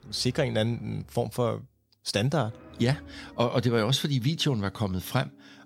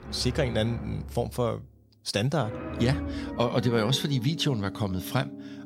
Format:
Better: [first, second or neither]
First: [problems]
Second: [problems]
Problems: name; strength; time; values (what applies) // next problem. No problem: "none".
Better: first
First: background music; faint; throughout; 20 dB below the speech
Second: background music; loud; throughout; 9 dB below the speech